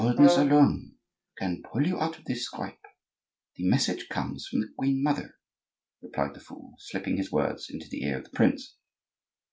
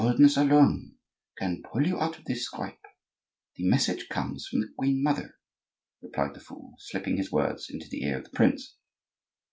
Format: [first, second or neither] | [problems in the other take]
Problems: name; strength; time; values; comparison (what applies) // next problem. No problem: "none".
second | background sound (Brass instrument); 3 dB below the speech